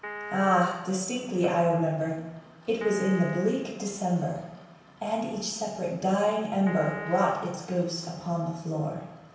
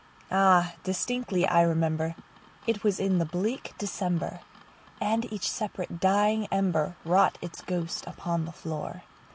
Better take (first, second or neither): second